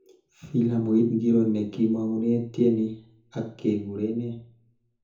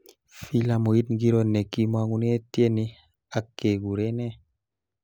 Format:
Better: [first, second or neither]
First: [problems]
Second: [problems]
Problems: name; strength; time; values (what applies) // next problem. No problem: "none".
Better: second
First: room echo; dies away in 0.6 s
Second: none